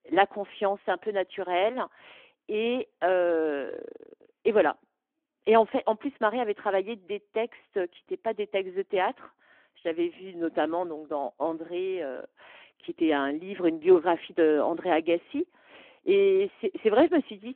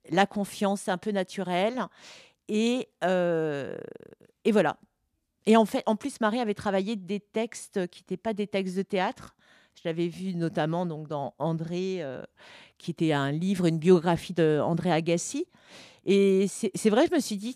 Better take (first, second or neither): second